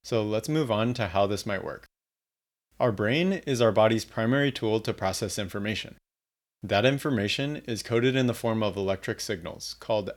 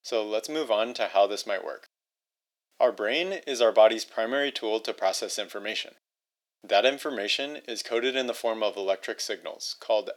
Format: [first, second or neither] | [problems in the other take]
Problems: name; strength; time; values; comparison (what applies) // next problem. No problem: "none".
first | thin; very; fading below 300 Hz